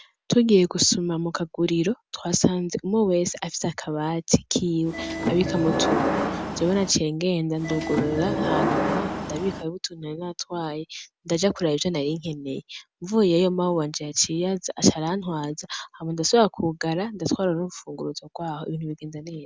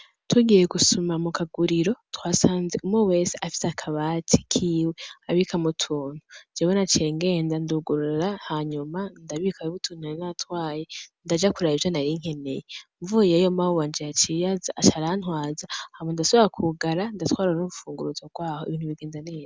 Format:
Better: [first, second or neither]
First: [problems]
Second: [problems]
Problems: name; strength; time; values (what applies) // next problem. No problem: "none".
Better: second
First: background sound (Subway, metro, underground / Sliding door); 1 dB below the speech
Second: none